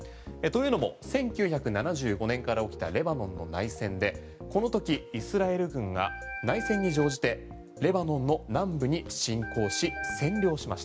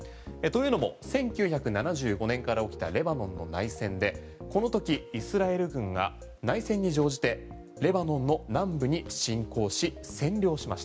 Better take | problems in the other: second | background sound (Organ); 8 dB below the speech

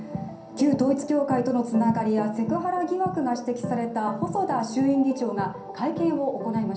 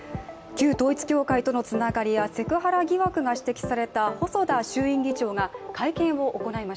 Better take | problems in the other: second | room echo; dies away in 0.6 s

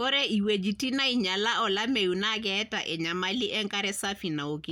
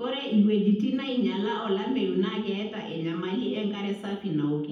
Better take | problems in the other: first | room echo; dies away in 0.8 s

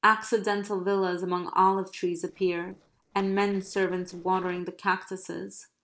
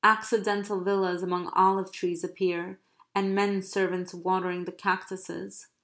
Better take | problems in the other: second | noise reduction (neural separator model SepFormer DNS4)

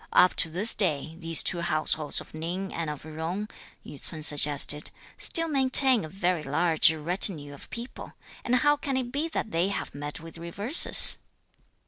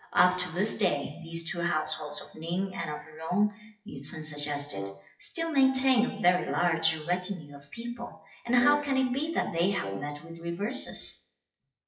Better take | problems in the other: first | noise reduction (classical method WPE with log-MMSE)

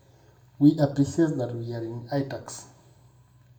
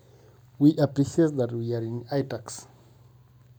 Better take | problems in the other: second | room echo; dies away in 0.4 s

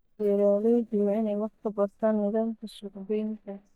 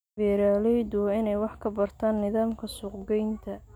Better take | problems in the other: second | noise reduction (neural mask model DeepFilterNet 3)

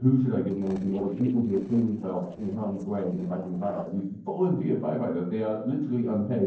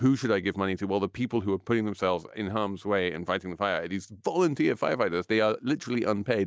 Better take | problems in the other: second | noise reduction (neural separator model SepFormer DNS4)

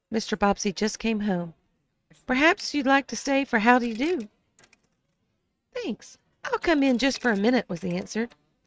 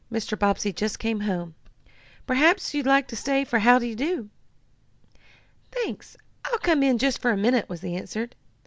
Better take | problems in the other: second | noise reduction (neural mask model RNNoise)

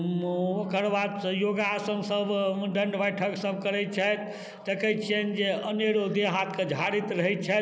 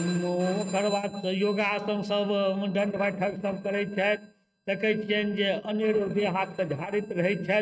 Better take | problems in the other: first | noise reduction (neural mask model RNNoise)

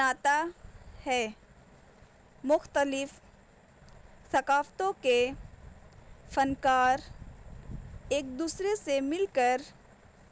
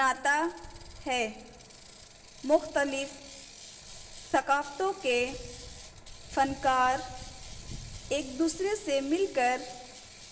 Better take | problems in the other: first | background sound (Ratchet, pawl); 19 dB below the speech // room echo; dies away in 0.9 s

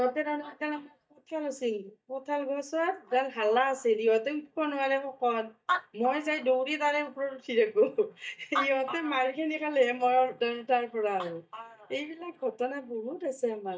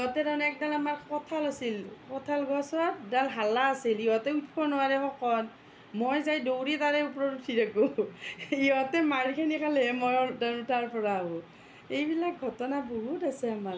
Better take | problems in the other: second | noise reduction (neural mask model DeepFilterNet 3)

